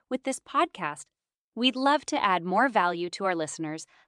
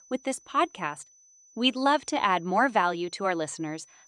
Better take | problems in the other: first | high-pitched whine; faint; throughout; 6 kHz, 30 dB below the speech

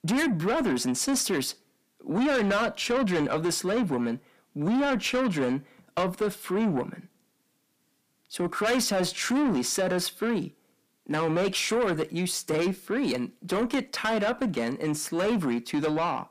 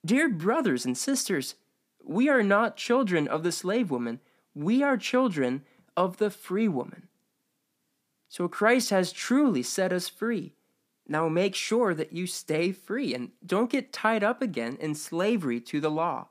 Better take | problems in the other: second | distortion; heavy; 7 dB below the speech

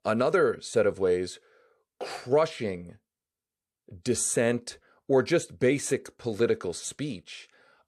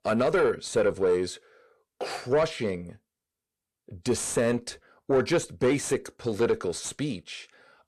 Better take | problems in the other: first | distortion; slight; 10 dB below the speech

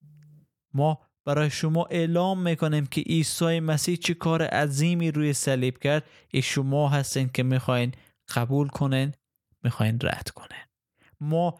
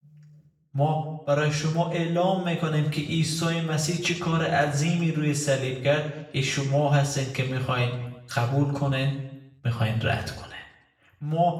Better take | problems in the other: first | room echo; noticeable; dies away in 0.7 s // off-mic speech; far

